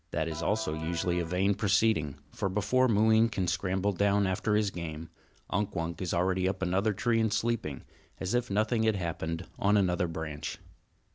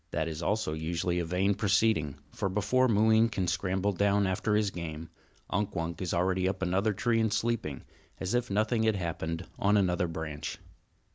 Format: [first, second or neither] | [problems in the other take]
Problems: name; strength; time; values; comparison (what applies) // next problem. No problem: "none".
second | background sound (Electric guitar); 13 dB below the speech